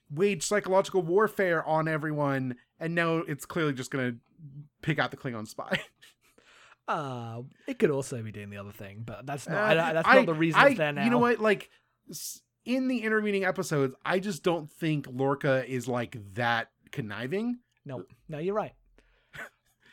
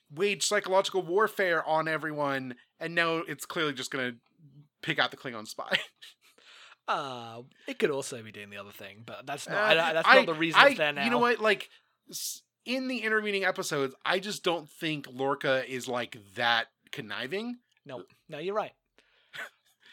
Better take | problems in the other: first | thin; very slightly; fading below 1 kHz

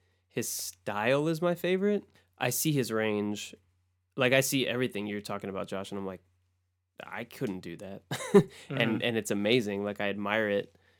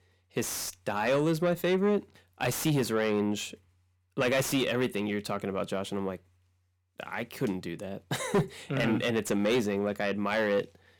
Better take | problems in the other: first | distortion; heavy; 7 dB below the speech

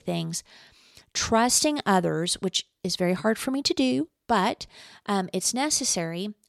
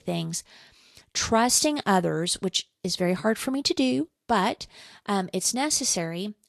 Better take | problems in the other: first | garbled, watery; slightly; nothing above 11.5 kHz

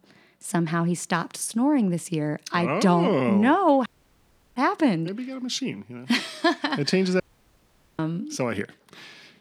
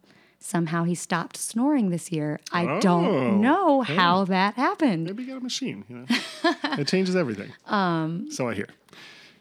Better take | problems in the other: second | audio cutting out; at 4 s for 0.5 s and at 7 s for 1 s

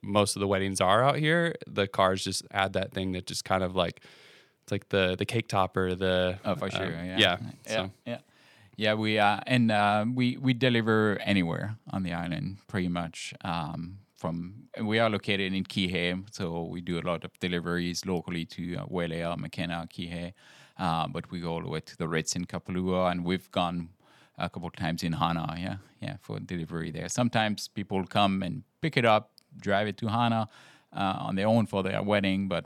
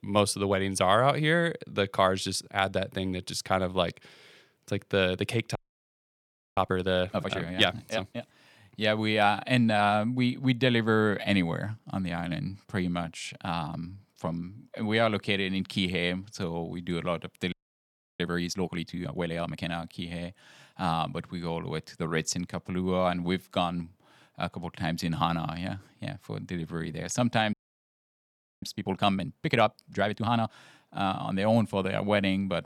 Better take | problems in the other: first | audio freezing; at 5.5 s for 1 s, at 18 s for 0.5 s and at 28 s for 1 s

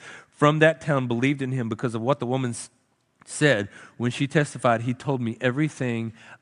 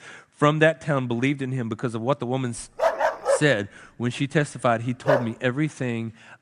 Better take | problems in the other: first | dog barking; loud; from 3 to 5 s; peak 2 dB above the speech

